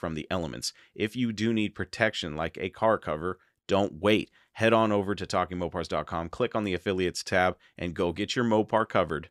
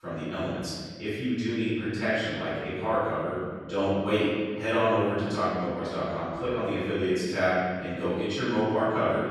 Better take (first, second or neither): first